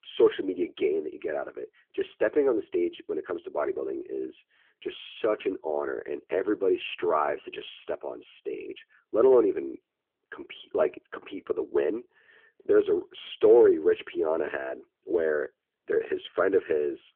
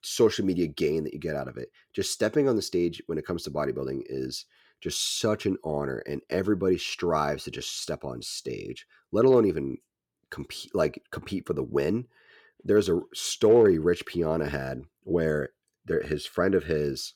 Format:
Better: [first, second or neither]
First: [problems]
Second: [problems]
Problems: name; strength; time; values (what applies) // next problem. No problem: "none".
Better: second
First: phone-call audio; nothing above 3.5 kHz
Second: none